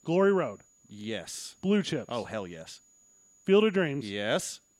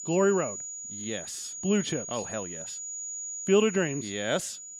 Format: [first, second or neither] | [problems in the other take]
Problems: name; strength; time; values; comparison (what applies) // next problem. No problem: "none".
first | high-pitched whine; loud; throughout; 7 kHz, 7 dB below the speech; faint in the first